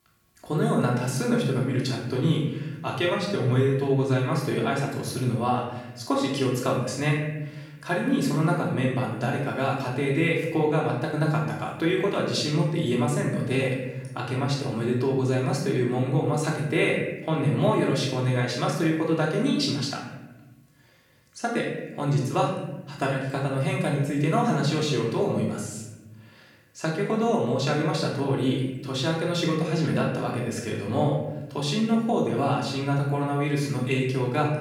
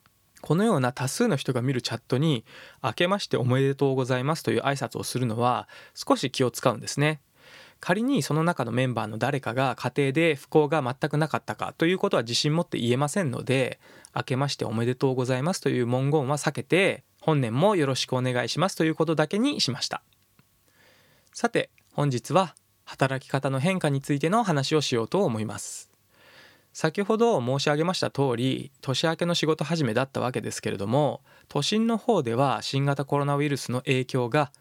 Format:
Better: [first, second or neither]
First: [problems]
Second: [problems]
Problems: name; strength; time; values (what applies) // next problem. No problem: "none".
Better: second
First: room echo; noticeable; dies away in 1 s // off-mic speech; far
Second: none